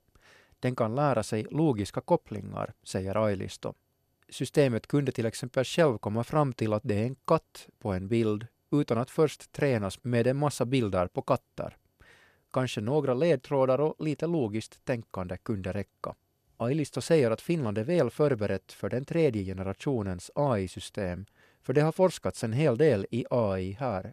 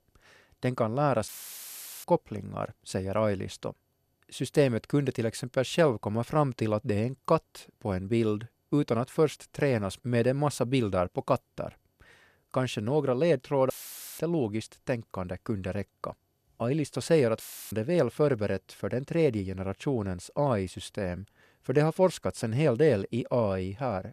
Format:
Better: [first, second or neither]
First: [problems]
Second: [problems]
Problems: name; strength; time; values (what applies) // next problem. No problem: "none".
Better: first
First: none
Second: audio cutting out; filled with static; at 1.5 s for 1 s, at 14 s and at 17 s